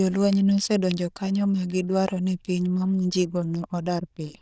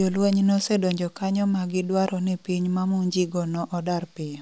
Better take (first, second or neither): second